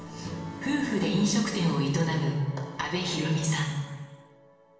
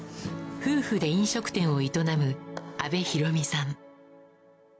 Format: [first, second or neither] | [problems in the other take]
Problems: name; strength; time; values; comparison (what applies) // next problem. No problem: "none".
second | room echo; dies away in 1.3 s